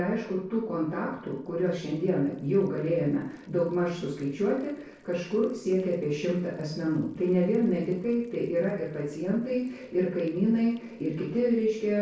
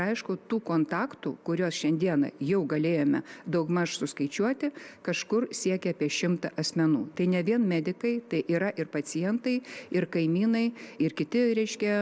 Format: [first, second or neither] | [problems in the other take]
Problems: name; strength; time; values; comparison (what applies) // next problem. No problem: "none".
second | noise reduction (neural separator model SepFormer DNS4)